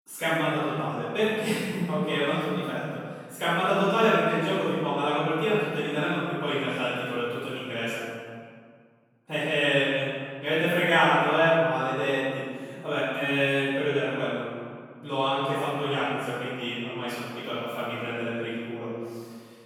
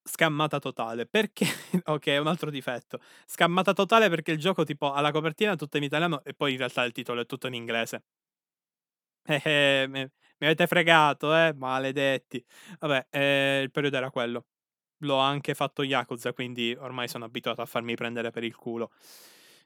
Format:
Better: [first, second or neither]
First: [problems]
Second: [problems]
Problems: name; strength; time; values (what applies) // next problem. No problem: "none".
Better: second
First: off-mic speech; far // room echo; strong; dies away in 1.8 s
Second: none